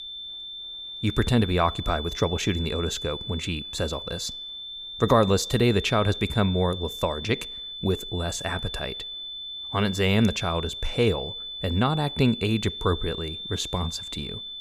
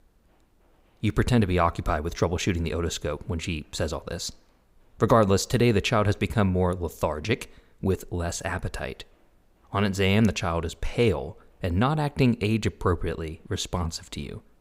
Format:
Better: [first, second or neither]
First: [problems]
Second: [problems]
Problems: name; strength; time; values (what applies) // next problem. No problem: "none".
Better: second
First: high-pitched whine; loud; throughout; 3.5 kHz, 8 dB below the speech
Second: none